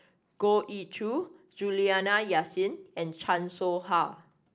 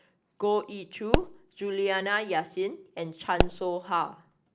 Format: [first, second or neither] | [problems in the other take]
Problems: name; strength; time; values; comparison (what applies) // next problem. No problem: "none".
first | background sound (Explosion); as loud as the speech